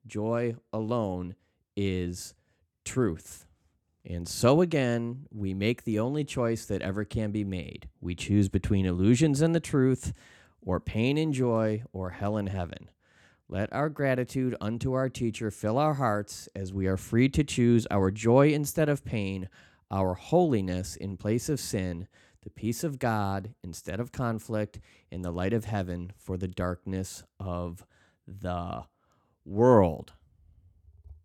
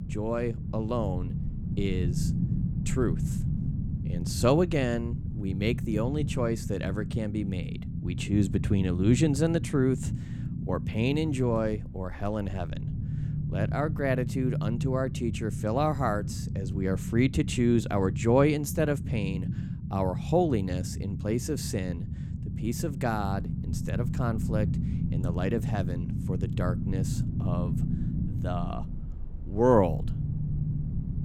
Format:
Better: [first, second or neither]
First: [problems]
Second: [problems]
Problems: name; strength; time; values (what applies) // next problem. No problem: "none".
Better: first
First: none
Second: low rumble; noticeable; throughout; 10 dB below the speech